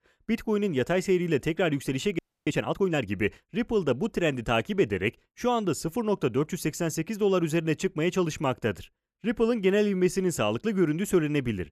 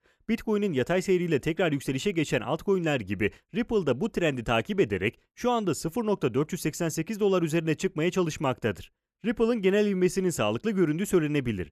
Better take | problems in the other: second | audio freezing; at 2 s

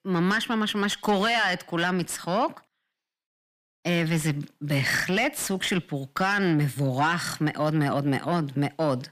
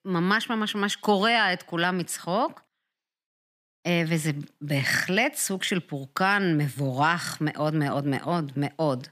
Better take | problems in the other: second | distortion; slight; 10 dB below the speech

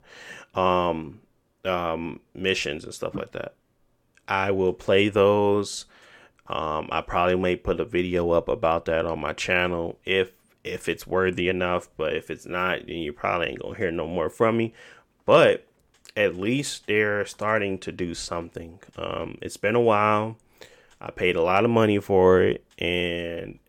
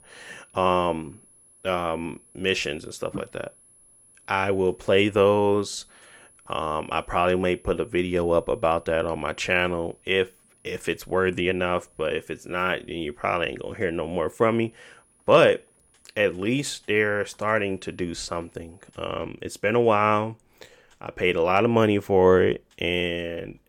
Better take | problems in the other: first | high-pitched whine; faint; until 19 s; 10.5 kHz, 30 dB below the speech

